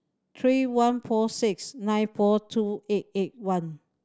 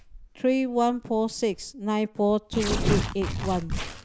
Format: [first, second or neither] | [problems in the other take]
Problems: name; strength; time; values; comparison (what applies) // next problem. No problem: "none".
first | background sound (Tearing); 5 dB below the speech